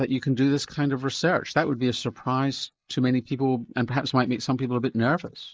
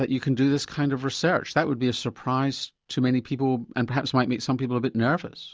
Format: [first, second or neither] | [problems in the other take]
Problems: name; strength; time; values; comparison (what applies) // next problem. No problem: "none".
second | noise reduction (neural mask model Resemble Enhance denoiser)